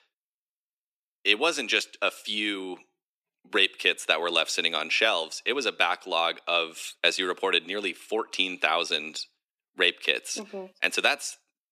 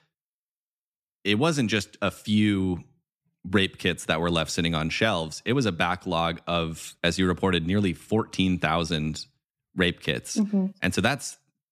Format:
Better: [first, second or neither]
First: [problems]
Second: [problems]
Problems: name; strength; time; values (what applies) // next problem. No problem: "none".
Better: second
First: thin; very; fading below 350 Hz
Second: none